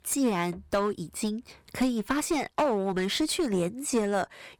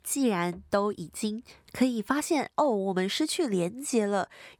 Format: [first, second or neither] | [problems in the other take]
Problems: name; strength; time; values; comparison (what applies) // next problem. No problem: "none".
second | distortion; slight; 9% of the sound clipped